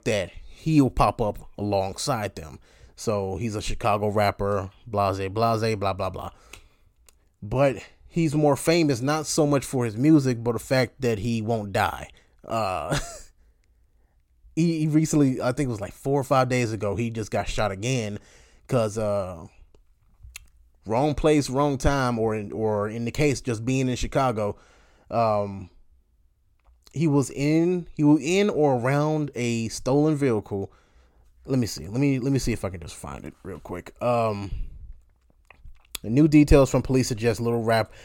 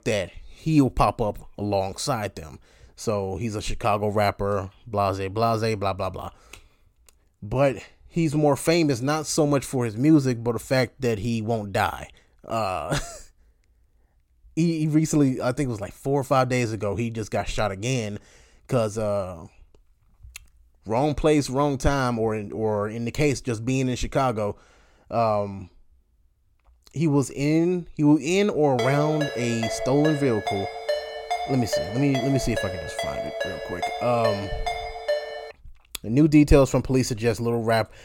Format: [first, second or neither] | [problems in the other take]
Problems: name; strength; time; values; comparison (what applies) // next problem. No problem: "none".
first | phone ringing; noticeable; from 29 to 36 s; peak 4 dB below the speech